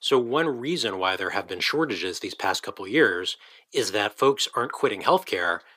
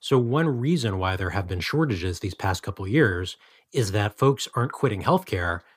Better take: second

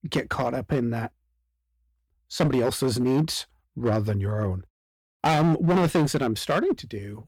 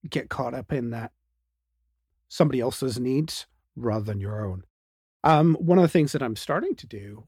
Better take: second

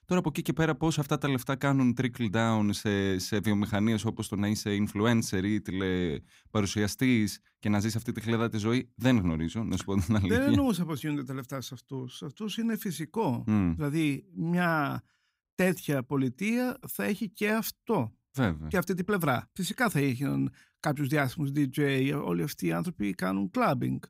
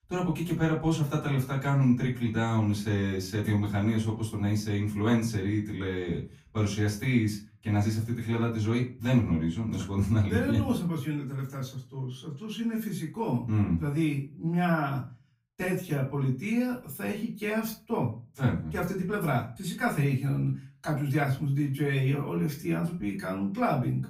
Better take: first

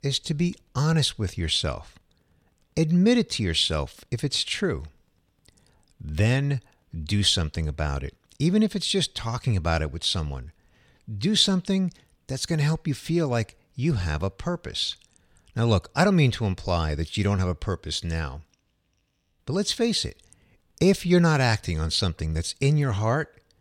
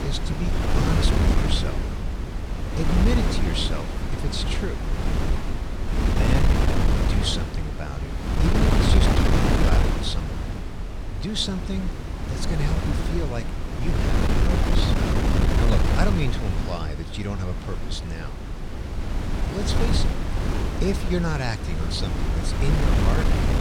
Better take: first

